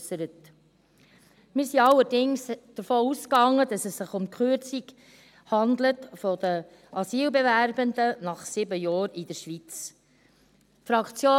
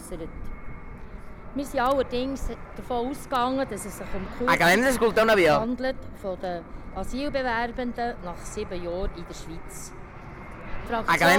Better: first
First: none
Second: background sound (Fixed-wing aircraft, airplane); 3 dB above the speech

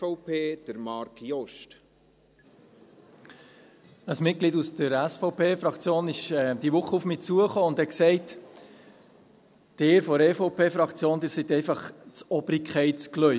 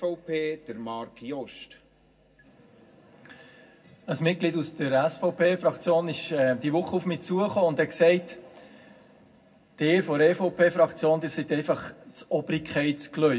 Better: first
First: none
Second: room echo; dies away in 0.3 s

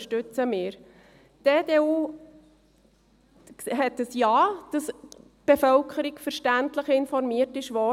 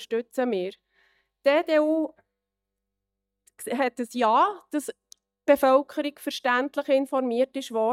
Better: first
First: none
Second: noise reduction (neural mask model DeepFilterNet 3)

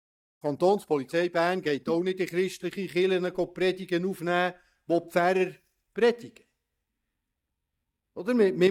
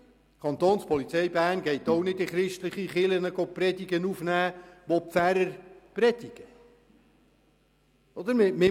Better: second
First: noise reduction (neural mask model DeepFilterNet 3)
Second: none

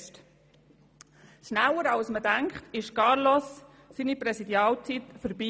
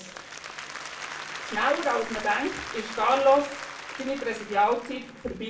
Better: first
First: none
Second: background sound (Applause); 11 dB below the speech // room echo; dies away in 0.3 s

